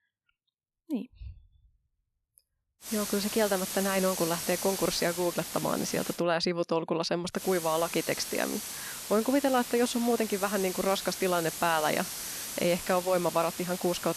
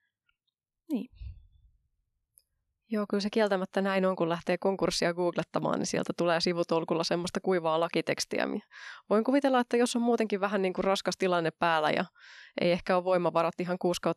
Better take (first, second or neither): second